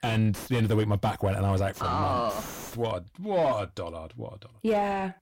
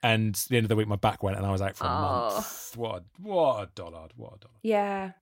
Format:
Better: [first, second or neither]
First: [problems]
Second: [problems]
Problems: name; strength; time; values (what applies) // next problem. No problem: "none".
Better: second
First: distortion; heavy; 6 dB below the speech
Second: none